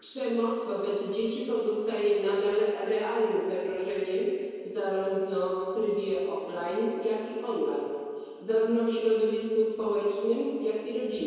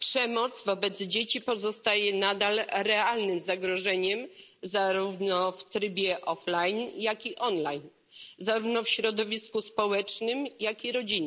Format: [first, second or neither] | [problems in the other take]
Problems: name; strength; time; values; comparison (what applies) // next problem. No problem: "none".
second | room echo; dies away in 2.2 s